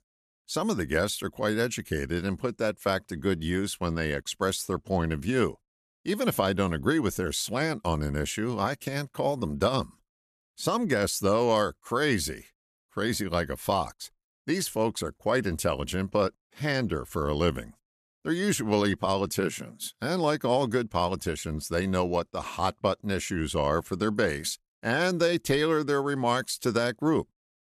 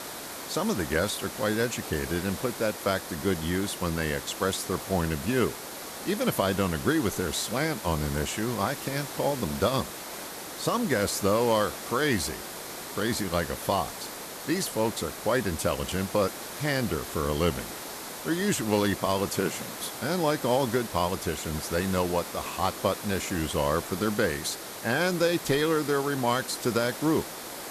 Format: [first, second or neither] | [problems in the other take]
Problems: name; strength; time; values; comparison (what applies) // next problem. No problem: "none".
first | hiss; loud; throughout; 9 dB below the speech